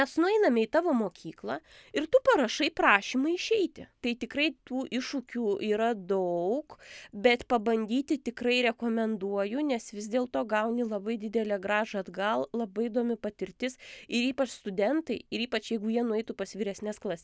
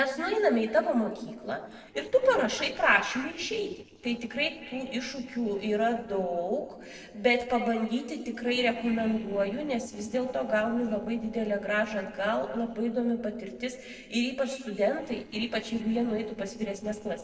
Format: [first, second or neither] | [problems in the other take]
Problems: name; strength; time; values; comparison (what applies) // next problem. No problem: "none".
first | noise reduction (neural separator model SepFormer DNS4)